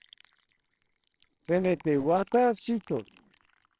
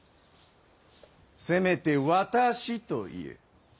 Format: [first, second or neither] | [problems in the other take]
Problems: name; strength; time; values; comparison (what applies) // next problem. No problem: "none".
second | noise reduction (neural separator model SepFormer WHAMR!)